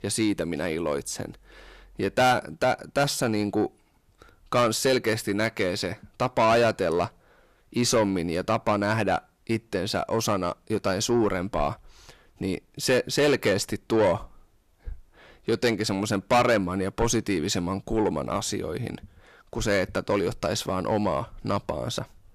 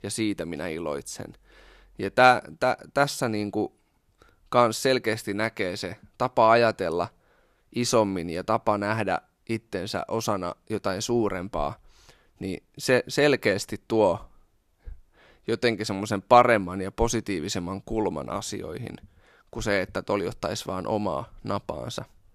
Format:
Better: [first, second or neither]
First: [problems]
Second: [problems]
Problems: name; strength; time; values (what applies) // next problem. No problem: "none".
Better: second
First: distortion; heavy; 7 dB below the speech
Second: none